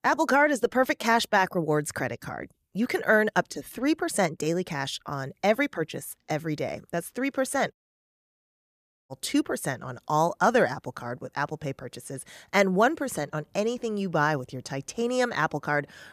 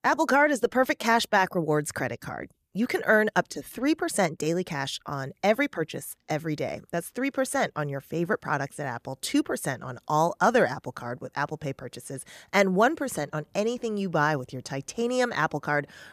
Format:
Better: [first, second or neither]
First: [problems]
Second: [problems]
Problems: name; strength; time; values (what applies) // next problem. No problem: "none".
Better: second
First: audio cutting out; at 7.5 s for 1.5 s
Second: none